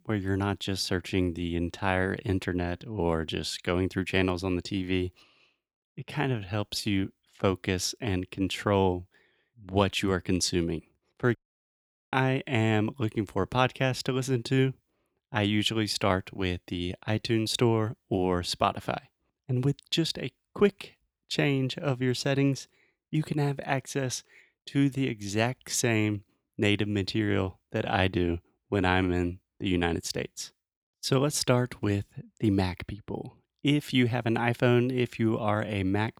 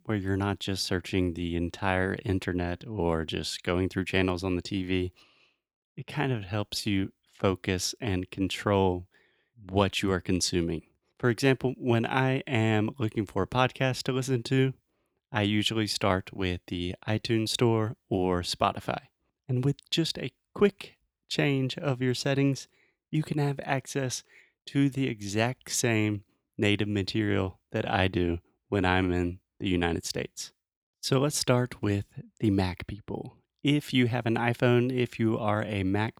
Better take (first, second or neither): second